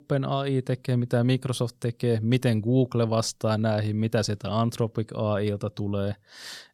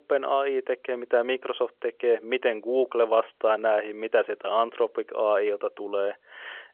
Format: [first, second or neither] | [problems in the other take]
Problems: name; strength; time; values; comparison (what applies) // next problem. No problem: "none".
first | phone-call audio